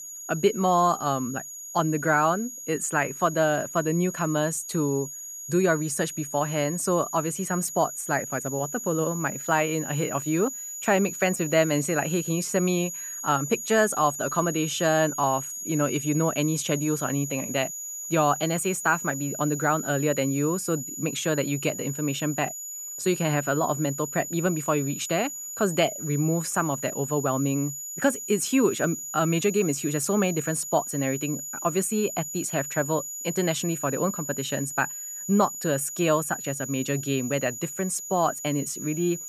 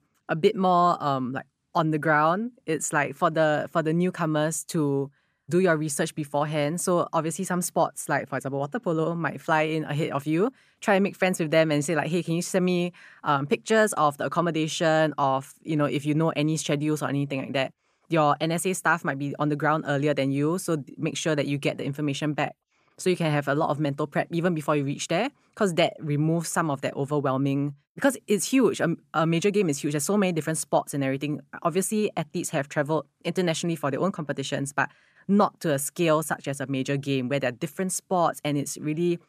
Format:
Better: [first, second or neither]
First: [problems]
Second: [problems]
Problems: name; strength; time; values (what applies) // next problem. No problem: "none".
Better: second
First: high-pitched whine; loud; throughout; 7 kHz, 7 dB below the speech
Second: none